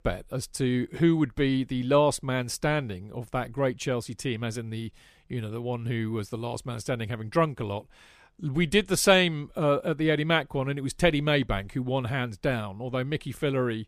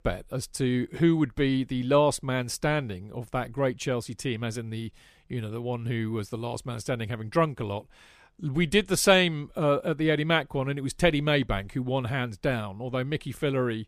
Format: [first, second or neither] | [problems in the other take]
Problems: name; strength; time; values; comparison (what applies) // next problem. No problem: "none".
neither | none